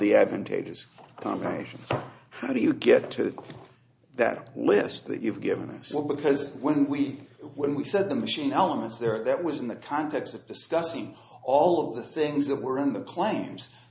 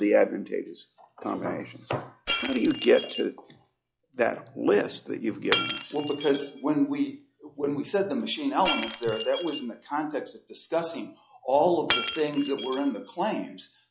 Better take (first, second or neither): first